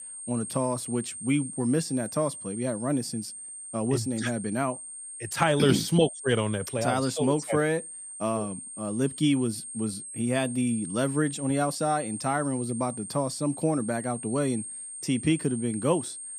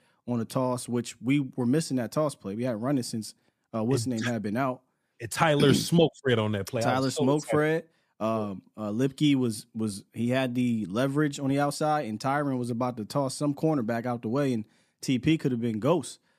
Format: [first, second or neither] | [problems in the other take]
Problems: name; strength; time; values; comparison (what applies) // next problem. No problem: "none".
second | high-pitched whine; loud; throughout; 8.5 kHz, 9 dB below the speech